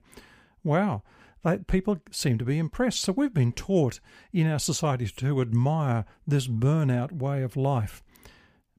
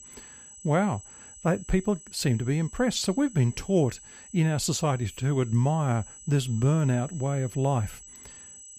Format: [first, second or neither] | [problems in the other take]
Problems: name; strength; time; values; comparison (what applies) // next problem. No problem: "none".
first | high-pitched whine; noticeable; throughout; 8 kHz, 20 dB below the speech